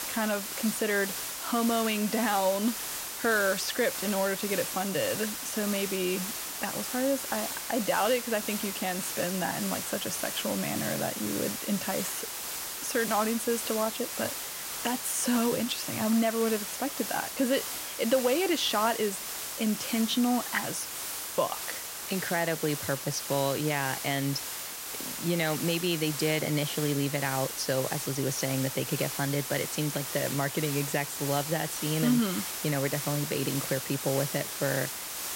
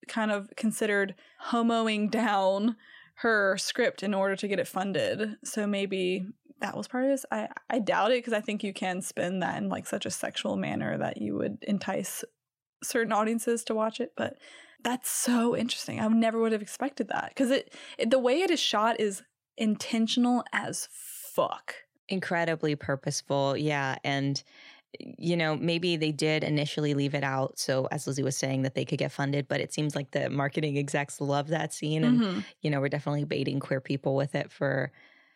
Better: second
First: hiss; loud; throughout; 4 dB below the speech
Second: none

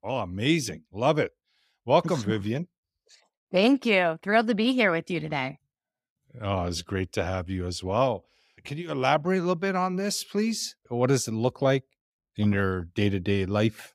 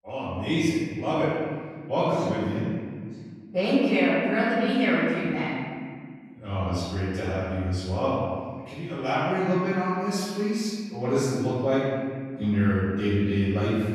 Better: first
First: none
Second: off-mic speech; far // room echo; strong; dies away in 1.9 s

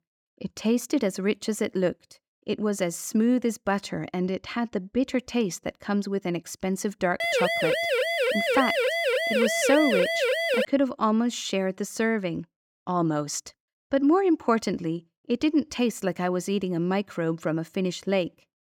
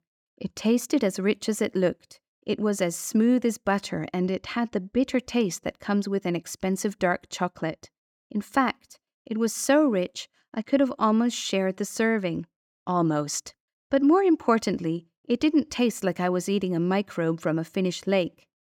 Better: second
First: siren; loud; from 7 to 11 s; peak 3 dB above the speech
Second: none

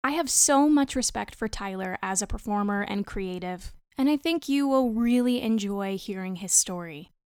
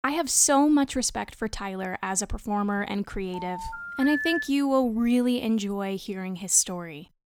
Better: first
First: none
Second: phone ringing; noticeable; from 3.5 to 4.5 s; peak 3 dB below the speech

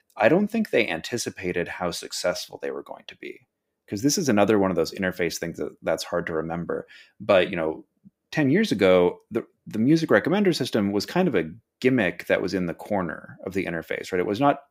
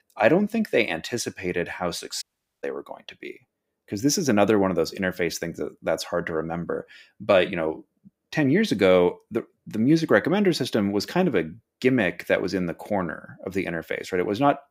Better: first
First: none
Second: audio cutting out; at 2 s

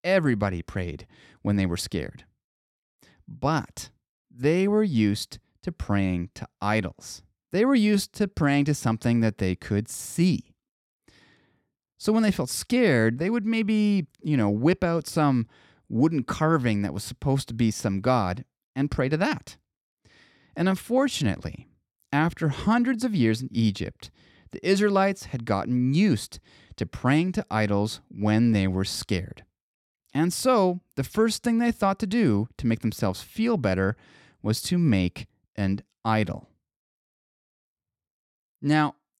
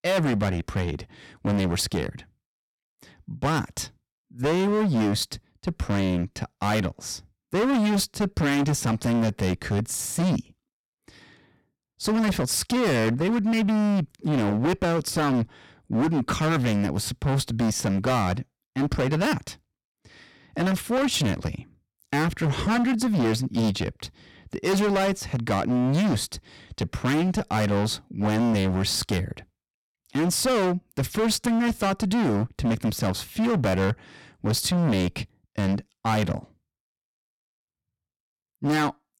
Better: first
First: none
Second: distortion; heavy; 20% of the sound clipped

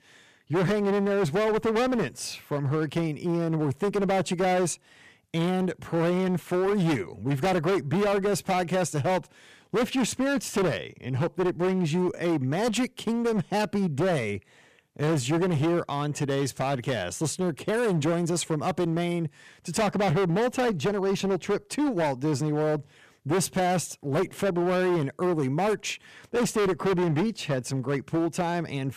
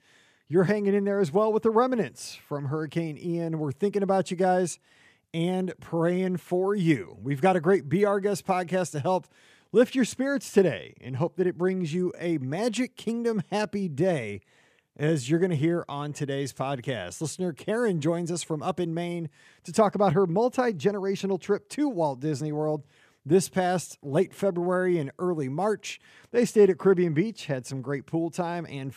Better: second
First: distortion; heavy; 23% of the sound clipped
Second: none

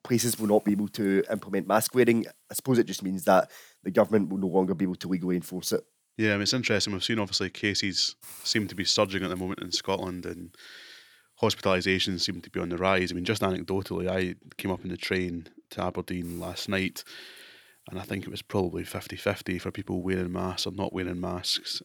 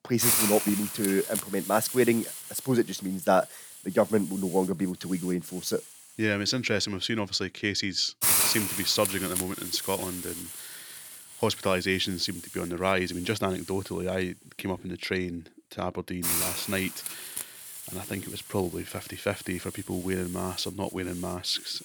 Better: first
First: hiss; faint; throughout; 25 dB below the speech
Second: hiss; loud; throughout; 1 dB below the speech

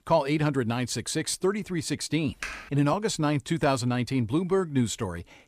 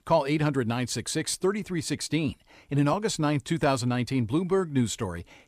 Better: second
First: keyboard typing; noticeable; at 2.5 s; peak 9 dB below the speech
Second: none

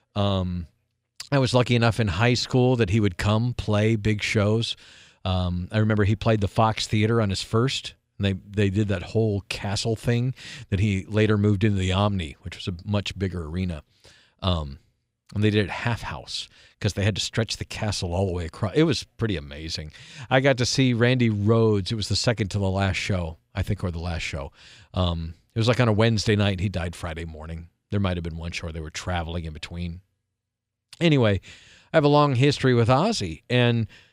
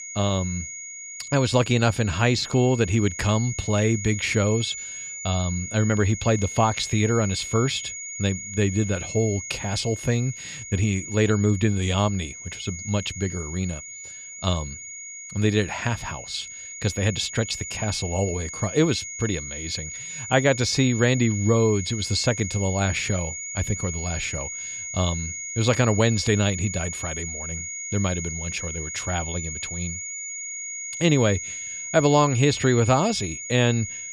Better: first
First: none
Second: high-pitched whine; loud; throughout; 6.5 kHz, 8 dB below the speech

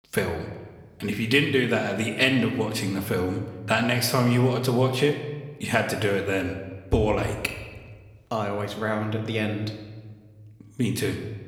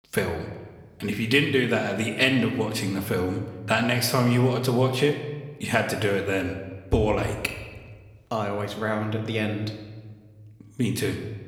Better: neither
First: room echo; slight; dies away in 1 s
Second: room echo; slight; dies away in 1 s

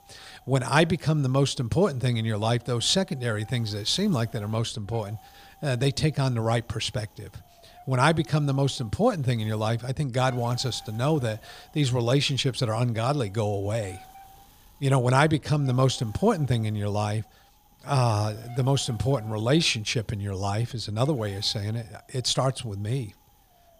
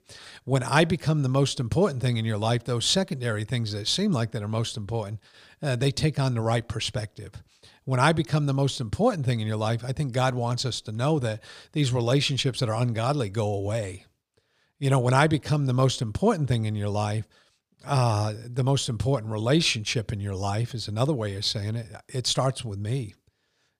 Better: second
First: wind noise on the microphone; occasional gusts; 25 dB below the speech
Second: none

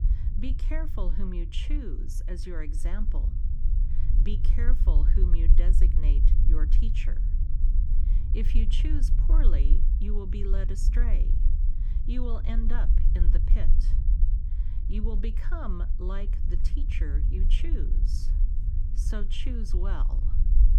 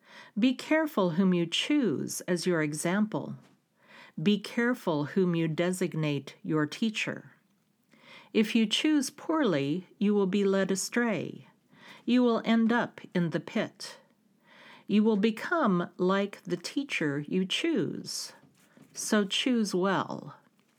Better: second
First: low rumble; loud; throughout; 6 dB below the speech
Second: none

